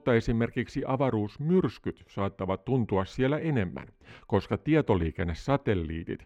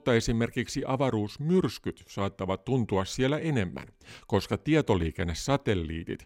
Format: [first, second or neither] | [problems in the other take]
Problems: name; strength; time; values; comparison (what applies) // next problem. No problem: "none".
second | muffled; slightly; fading above 4 kHz